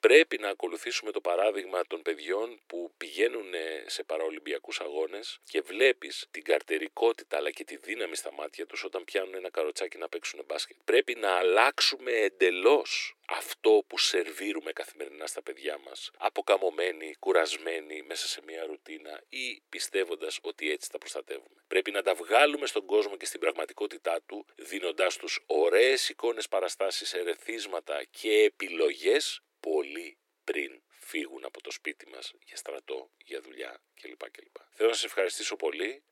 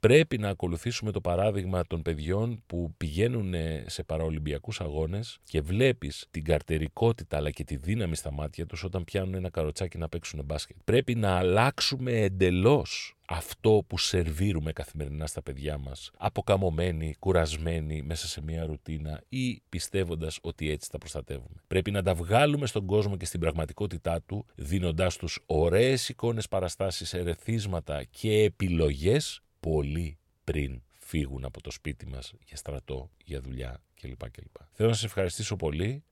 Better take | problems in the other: second | thin; very; fading below 300 Hz

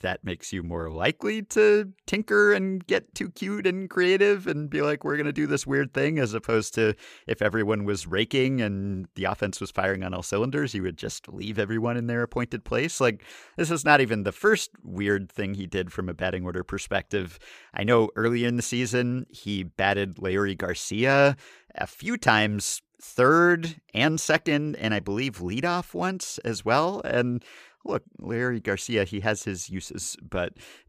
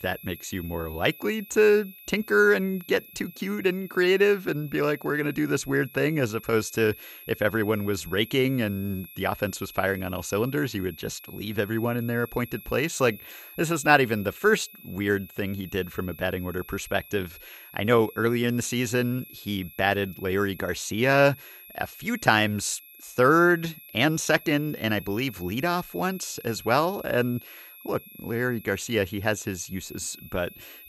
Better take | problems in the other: first | high-pitched whine; noticeable; throughout; 11.5 kHz, 20 dB below the speech

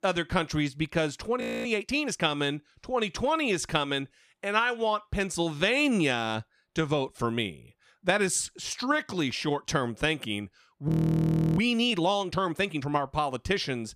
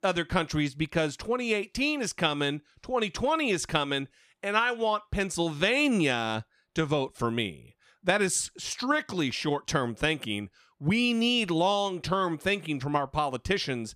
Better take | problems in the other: second | audio freezing; at 1.5 s and at 11 s for 0.5 s

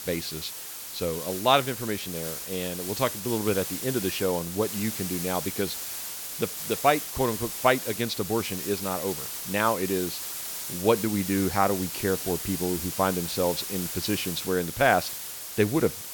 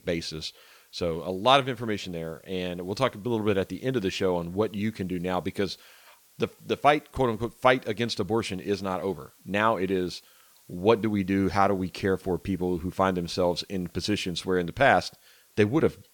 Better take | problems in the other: second | hiss; loud; throughout; 5 dB below the speech; faint in the second

